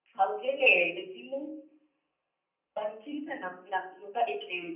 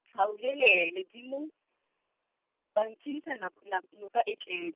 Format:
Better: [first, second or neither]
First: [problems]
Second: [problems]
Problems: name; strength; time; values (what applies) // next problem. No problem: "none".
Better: second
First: room echo; dies away in 0.6 s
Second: none